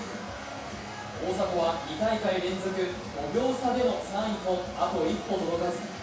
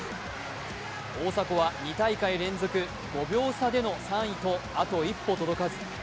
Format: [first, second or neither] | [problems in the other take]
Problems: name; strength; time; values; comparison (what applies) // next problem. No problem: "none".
second | room echo; dies away in 0.7 s